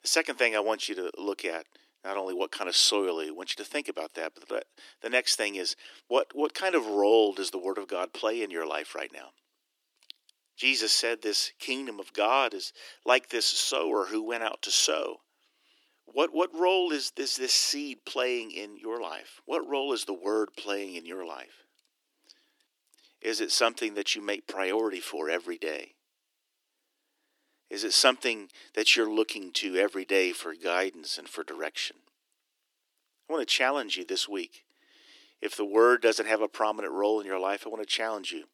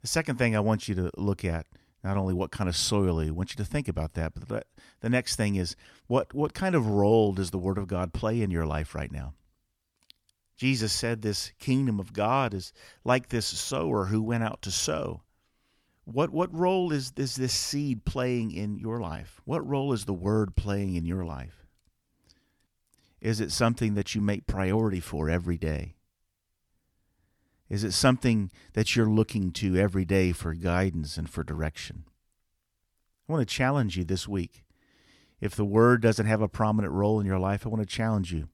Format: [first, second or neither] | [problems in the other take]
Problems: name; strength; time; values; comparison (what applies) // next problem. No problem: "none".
second | thin; very; fading below 300 Hz